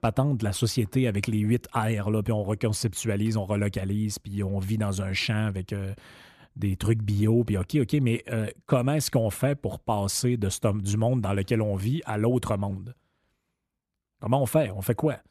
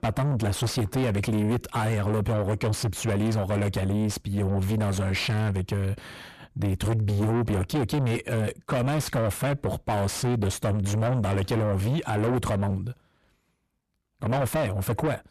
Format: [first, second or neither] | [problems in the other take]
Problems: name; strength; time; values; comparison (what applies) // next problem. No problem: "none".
first | distortion; heavy; 6 dB below the speech